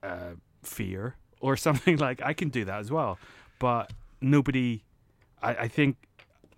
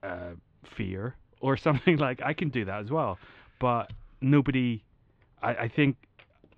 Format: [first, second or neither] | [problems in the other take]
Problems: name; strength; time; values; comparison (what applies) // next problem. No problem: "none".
first | muffled; slightly; fading above 3.5 kHz